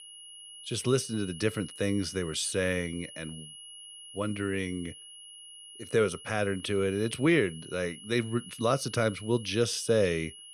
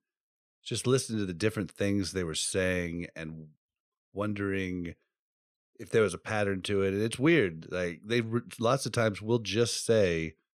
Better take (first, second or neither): second